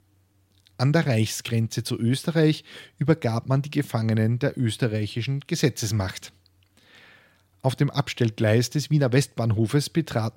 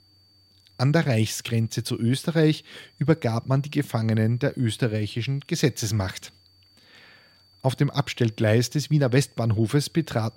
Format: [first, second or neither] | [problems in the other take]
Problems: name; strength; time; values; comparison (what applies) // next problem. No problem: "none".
first | high-pitched whine; faint; throughout; 4.5 kHz, 35 dB below the speech